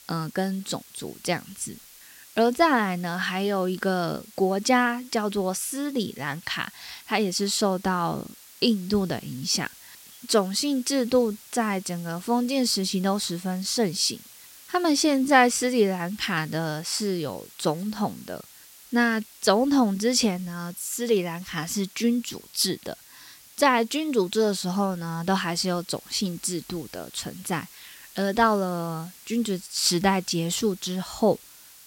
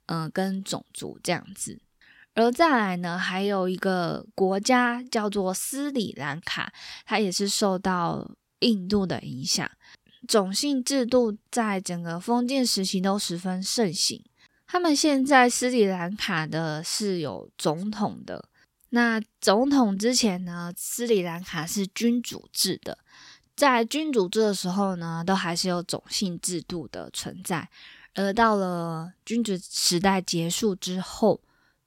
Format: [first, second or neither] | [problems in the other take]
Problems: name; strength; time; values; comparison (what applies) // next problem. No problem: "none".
second | hiss; faint; throughout; 20 dB below the speech